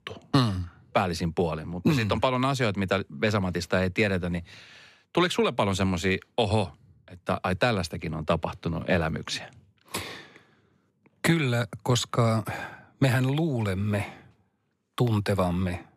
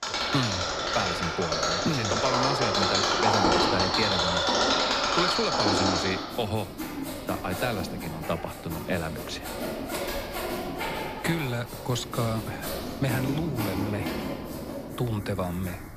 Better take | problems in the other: first | machinery noise; very loud; throughout; 4 dB above the speech

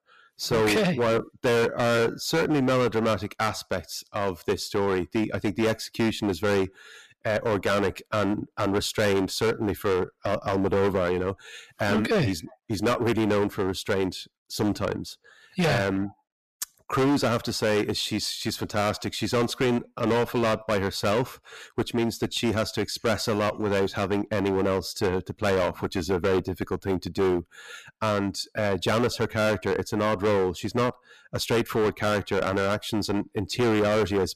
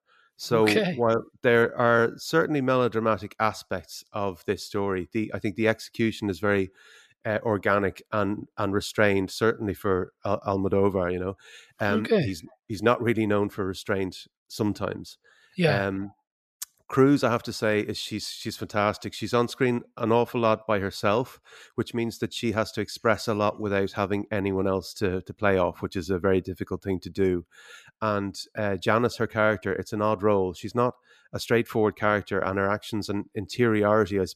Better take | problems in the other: second | distortion; heavy; 14% of the sound clipped

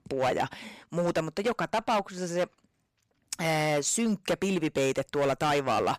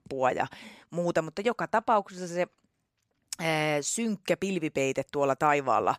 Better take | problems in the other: second | distortion; heavy; 11% of the sound clipped

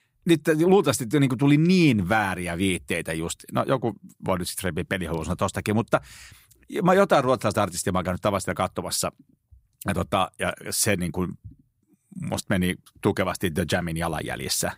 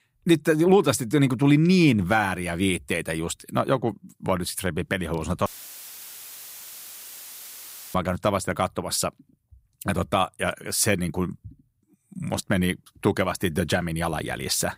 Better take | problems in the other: first | audio cutting out; filled with static; at 5.5 s for 2.5 s

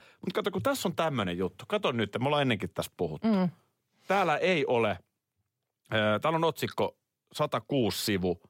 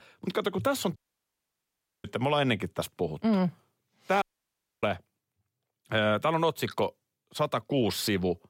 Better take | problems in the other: first | audio cutting out; at 1 s for 1 s and at 4 s for 0.5 s

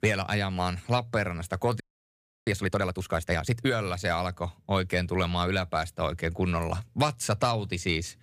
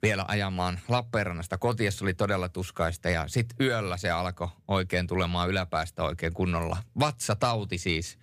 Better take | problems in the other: second | audio freezing; at 2 s for 0.5 s

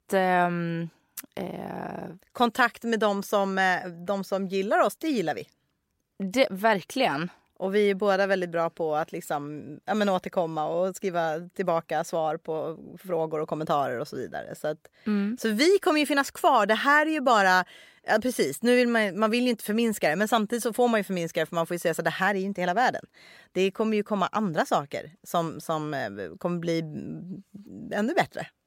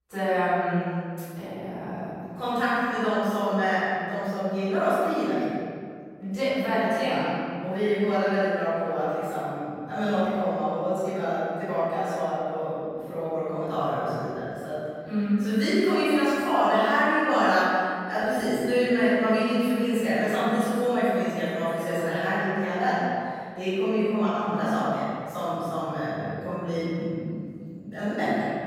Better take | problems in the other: first | off-mic speech; far // room echo; strong; dies away in 2.2 s

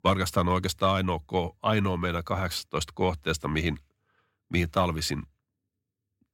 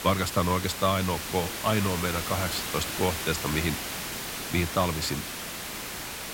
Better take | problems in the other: first | hiss; loud; throughout; 4 dB below the speech

